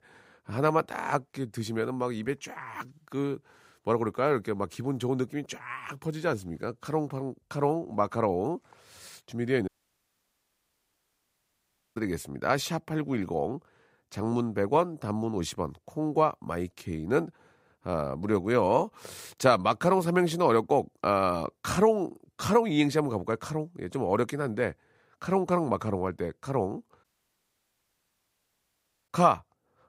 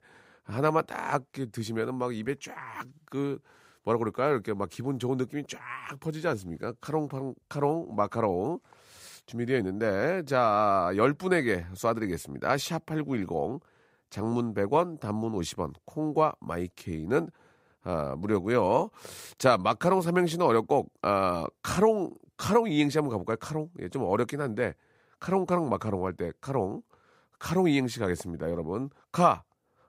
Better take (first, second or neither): second